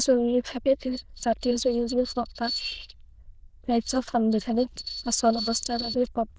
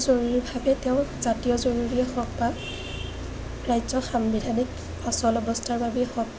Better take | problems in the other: second | noise reduction (neural diffusion model UNIVERSE++)

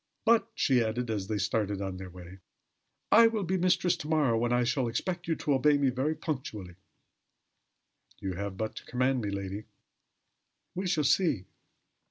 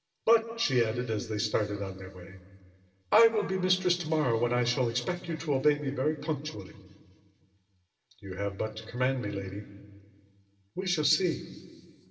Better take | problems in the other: first | room echo; dies away in 1.9 s

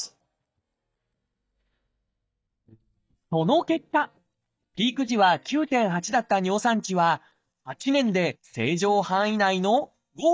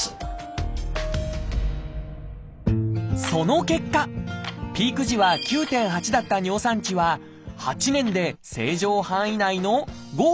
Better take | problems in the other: second | noise reduction (neural mask model DeepFilterNet 3)

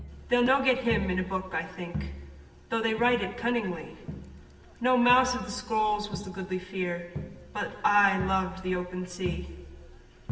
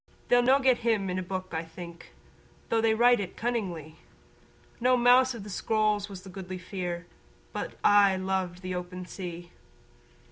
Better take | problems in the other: second | background sound (Crowd); 12 dB below the speech // room echo; dies away in 1.4 s

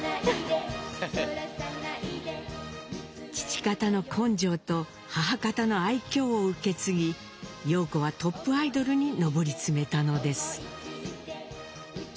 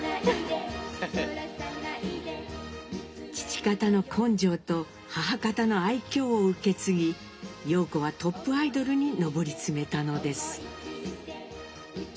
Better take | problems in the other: first | room echo; dies away in 0.3 s

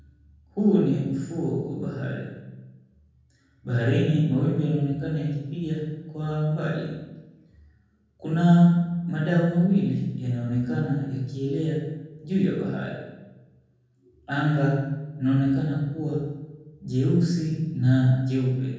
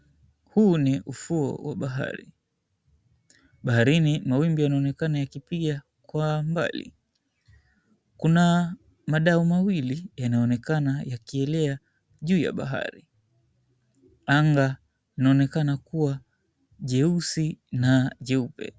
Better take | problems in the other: second | room echo; dies away in 1.3 s

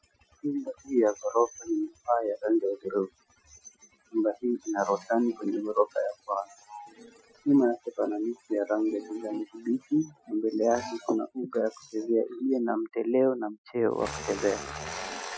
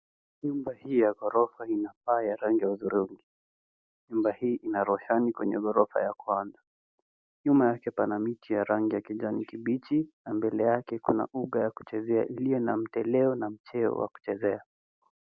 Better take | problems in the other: second | noise reduction (classical method Wiener filter)

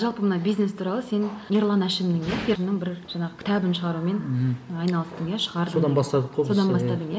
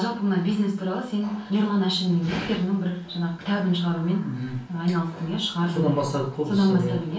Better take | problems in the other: first | room echo; dies away in 0.2 s

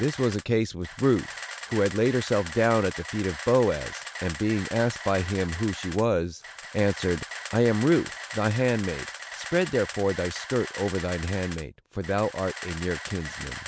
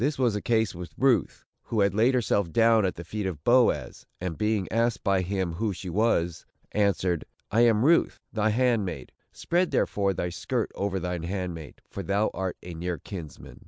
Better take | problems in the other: second | background sound (Camera); 12 dB below the speech

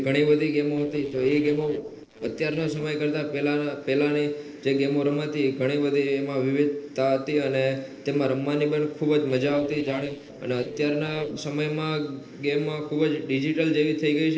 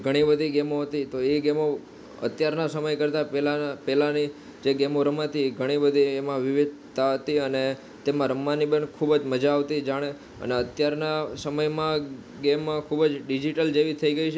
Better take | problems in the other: second | noise reduction (neural separator model SepFormer DNS4)

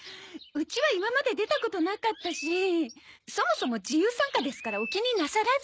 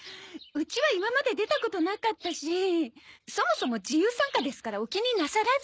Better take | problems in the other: second | background sound (Chirp, tweet); 14 dB below the speech

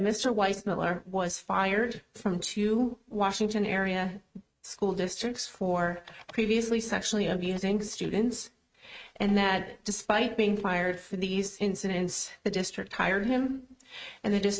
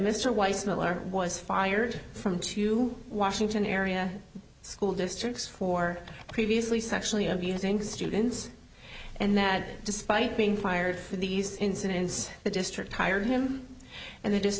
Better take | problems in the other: second | noise reduction (neural mask model RNNoise)

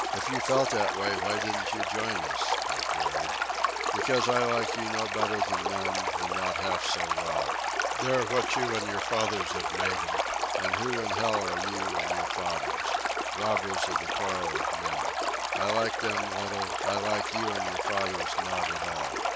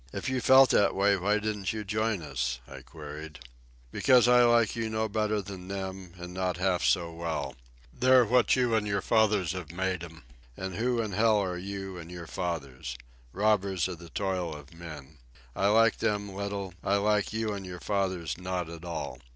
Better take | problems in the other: second | background sound (Stream); 4 dB above the speech

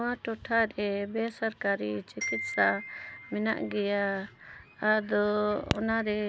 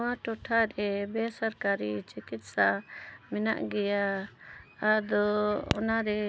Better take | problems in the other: second | background sound (Glockenspiel); 12 dB below the speech

